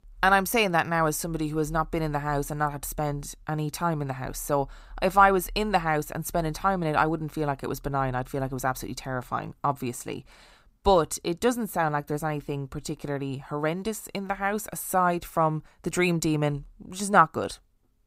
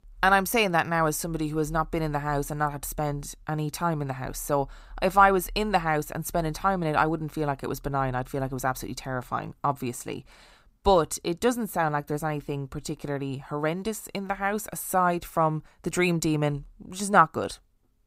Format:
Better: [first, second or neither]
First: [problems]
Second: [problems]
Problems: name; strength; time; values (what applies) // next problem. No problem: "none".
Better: neither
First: none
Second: none